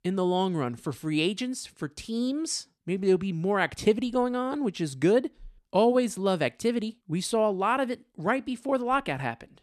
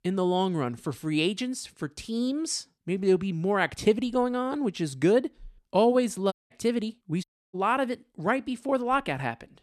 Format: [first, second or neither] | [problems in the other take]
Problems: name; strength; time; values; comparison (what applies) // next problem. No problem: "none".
first | audio cutting out; at 6.5 s and at 7 s